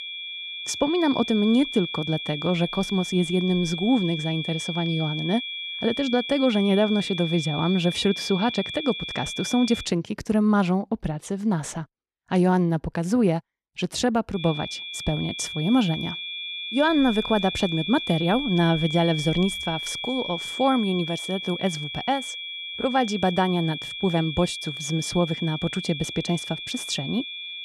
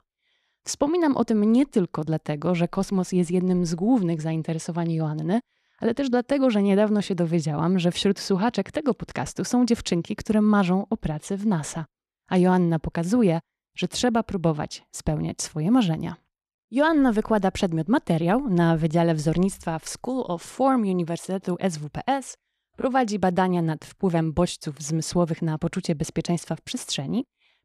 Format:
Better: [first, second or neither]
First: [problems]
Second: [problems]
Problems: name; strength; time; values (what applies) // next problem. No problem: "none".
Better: second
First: high-pitched whine; loud; until 10 s and from 14 s on; 3.5 kHz, 6 dB below the speech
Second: none